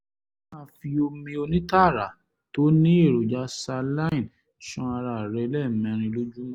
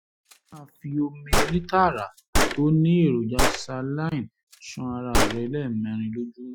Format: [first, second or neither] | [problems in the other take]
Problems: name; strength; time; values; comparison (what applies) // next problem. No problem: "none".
first | noise reduction (classical method Wiener filter)